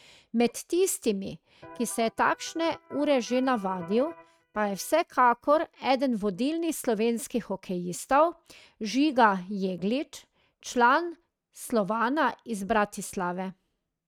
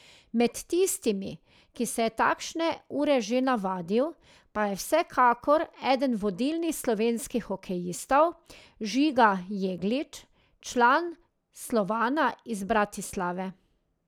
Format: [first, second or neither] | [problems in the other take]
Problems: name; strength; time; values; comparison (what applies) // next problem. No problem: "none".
second | noise reduction (neural mask model RNNoise)